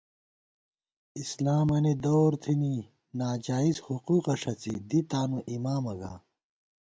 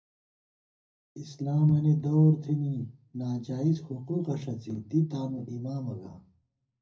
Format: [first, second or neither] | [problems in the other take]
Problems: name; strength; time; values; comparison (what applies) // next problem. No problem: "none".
first | room echo; dies away in 0.4 s